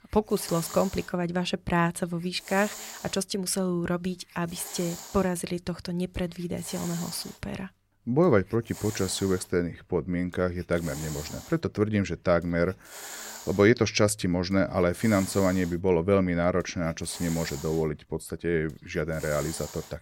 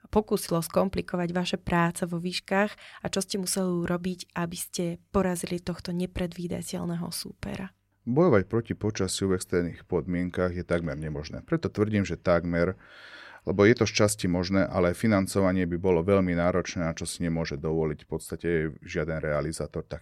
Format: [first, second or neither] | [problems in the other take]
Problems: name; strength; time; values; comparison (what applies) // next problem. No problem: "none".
second | hiss; noticeable; throughout; 15 dB below the speech